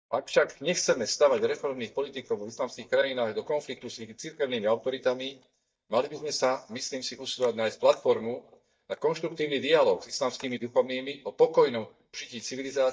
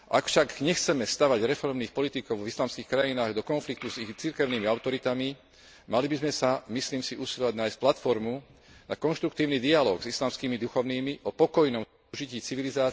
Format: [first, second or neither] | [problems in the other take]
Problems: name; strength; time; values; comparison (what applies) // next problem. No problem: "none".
second | noise reduction (neural mask model DeepFilterNet 3)